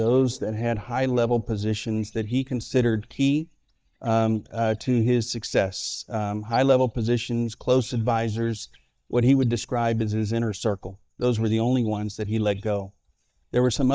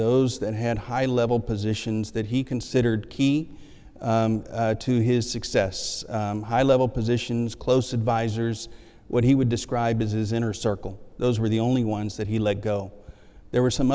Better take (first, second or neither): second